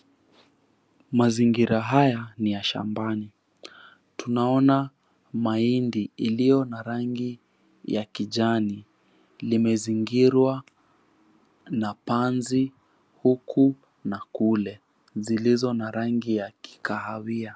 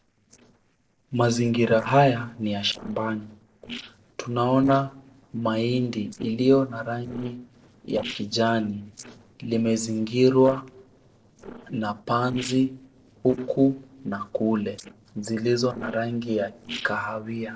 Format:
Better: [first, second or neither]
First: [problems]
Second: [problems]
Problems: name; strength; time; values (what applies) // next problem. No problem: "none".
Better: first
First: none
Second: noise reduction (neural separator model SepFormer DNS4)